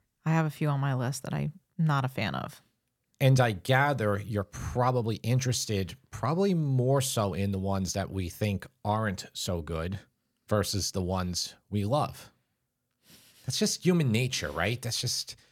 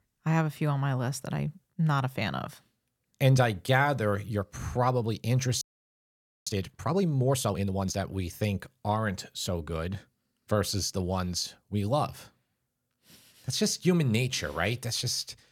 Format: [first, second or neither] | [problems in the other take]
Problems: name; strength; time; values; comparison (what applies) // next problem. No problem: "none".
first | audio freezing; at 5.5 s for 1 s